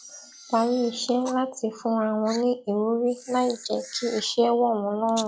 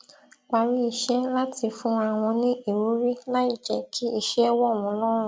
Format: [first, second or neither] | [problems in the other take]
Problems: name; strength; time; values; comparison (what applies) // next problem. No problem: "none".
second | noise reduction (classical method log-MMSE)